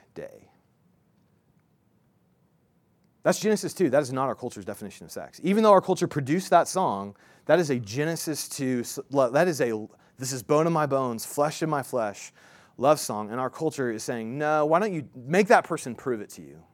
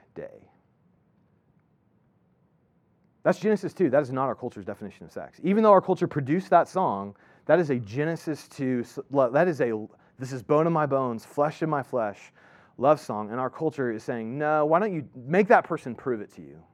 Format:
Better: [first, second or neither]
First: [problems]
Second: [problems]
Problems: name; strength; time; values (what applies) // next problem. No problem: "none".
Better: first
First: none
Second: muffled; slightly; fading above 4 kHz